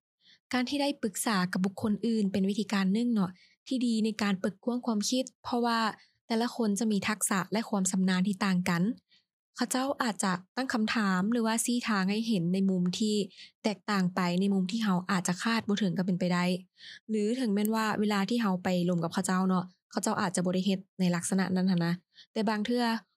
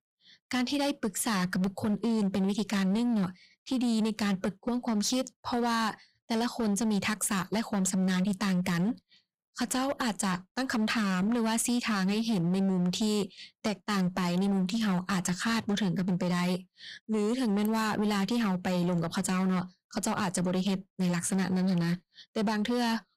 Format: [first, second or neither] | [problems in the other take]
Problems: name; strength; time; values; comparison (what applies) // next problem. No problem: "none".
first | distortion; slight; 21% of the sound clipped